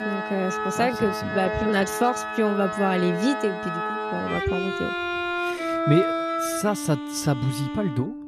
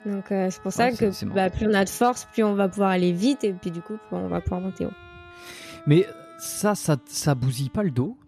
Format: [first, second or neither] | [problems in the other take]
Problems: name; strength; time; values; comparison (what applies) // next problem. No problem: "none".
second | background music; loud; throughout; 2 dB below the speech; faint in the second